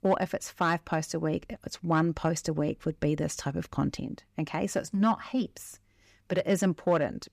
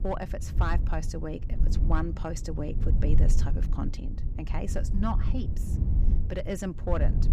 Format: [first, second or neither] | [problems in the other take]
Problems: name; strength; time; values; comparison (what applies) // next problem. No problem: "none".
first | low rumble; loud; throughout; 9 dB below the speech